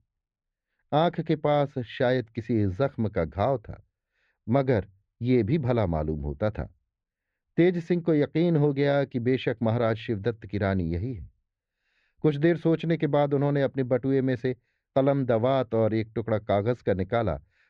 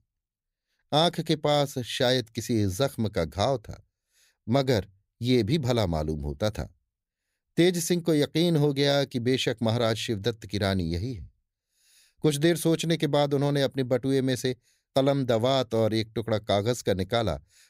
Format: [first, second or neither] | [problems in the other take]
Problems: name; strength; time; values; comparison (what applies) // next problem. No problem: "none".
second | muffled; very; fading above 2.5 kHz